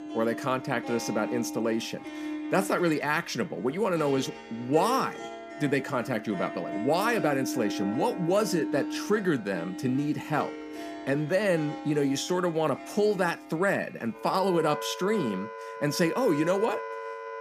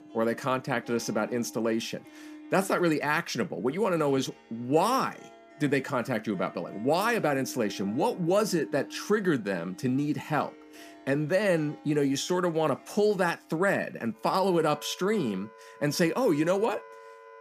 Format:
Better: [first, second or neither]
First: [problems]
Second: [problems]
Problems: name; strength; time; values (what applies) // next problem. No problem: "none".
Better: second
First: background music; loud; throughout; 9 dB below the speech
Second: background music; faint; throughout; 20 dB below the speech